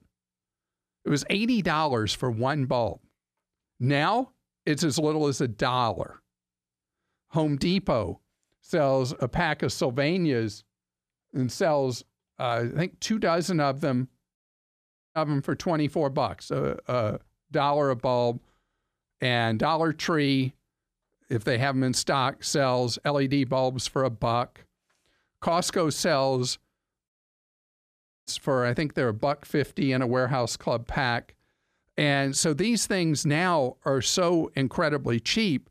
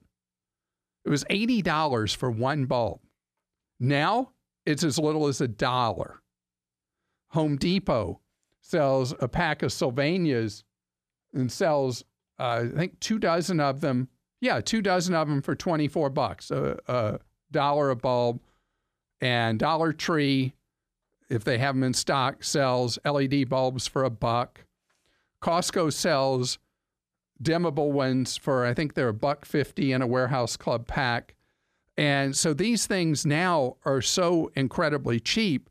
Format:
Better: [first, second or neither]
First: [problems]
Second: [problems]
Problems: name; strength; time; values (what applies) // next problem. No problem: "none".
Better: second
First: audio cutting out; at 14 s for 1 s and at 27 s for 1 s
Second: none